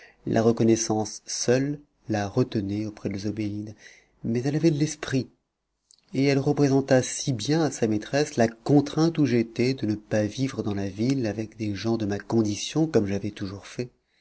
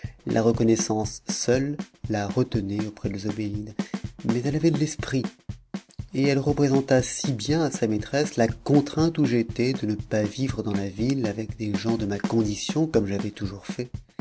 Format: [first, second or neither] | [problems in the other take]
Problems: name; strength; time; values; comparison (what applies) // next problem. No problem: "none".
first | background sound (Bass drum / Snare drum / Drum kit); 10 dB below the speech